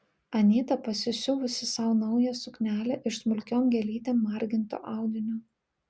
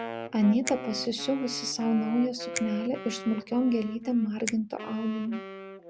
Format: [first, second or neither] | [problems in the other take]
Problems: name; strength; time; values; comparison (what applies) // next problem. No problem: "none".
first | background sound (Wind instrument, woodwind instrument + Finger snapping); 10 dB below the speech